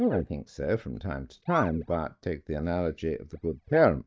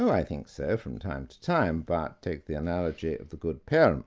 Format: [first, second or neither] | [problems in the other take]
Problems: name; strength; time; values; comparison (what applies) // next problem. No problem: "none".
second | noise reduction (neural mask model DeepFilterNet 3)